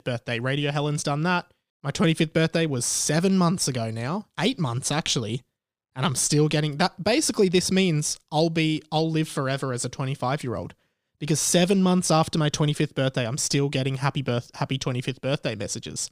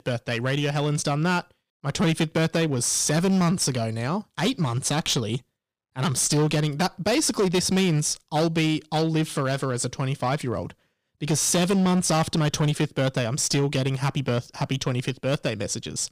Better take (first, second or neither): first